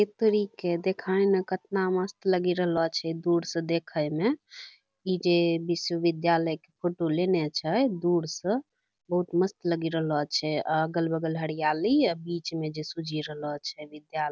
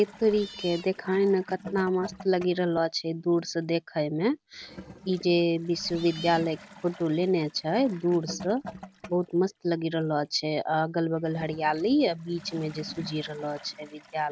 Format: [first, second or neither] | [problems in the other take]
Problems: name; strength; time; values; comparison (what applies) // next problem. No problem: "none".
first | background sound (Cat + Toilet flush / Gurgling); 18 dB below the speech